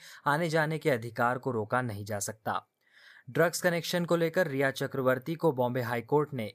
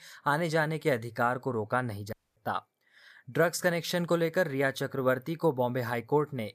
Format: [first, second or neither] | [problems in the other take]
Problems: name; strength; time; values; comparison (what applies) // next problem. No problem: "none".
first | audio cutting out; at 2 s